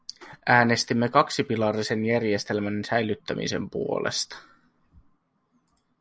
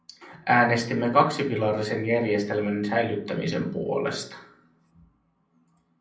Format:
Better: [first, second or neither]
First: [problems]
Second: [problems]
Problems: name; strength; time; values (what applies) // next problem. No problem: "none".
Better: first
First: none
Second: room echo; dies away in 0.6 s